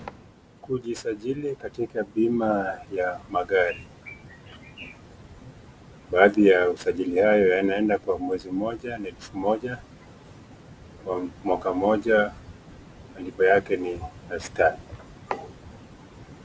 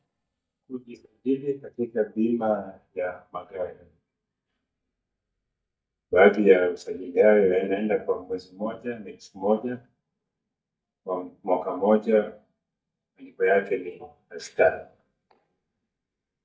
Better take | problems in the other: first | noise reduction (neural mask model DeepFilterNet 3)

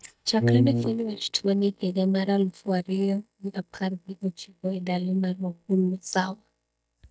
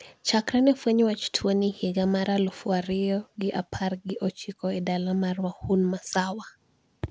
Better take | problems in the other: second | noise reduction (neural mask model DeepFilterNet 3)

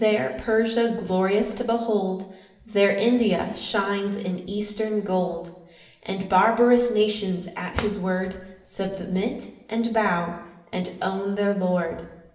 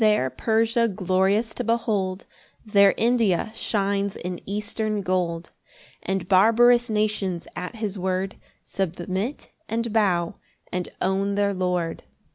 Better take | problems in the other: second | background sound (Drawer open or close); 12 dB below the speech // room echo; dies away in 0.9 s

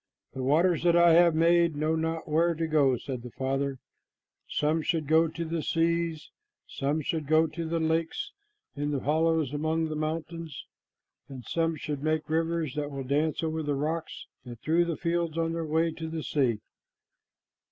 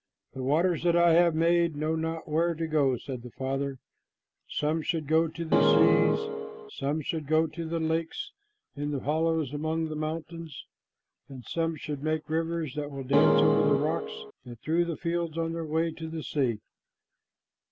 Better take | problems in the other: first | background sound (Keyboard (musical)); 4 dB above the speech

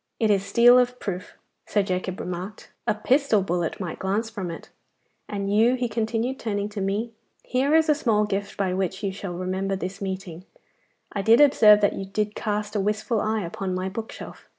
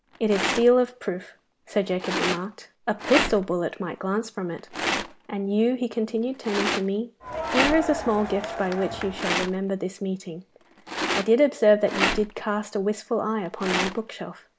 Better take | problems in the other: first | background sound (Rattle + Crowd); 6 dB below the speech

